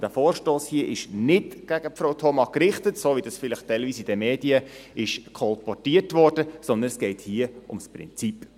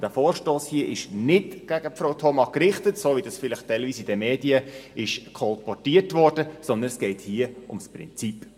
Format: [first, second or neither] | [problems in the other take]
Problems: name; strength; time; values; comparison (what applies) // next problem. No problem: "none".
first | room echo; dies away in 1.3 s